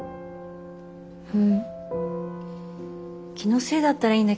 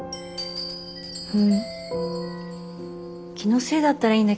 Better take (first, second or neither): first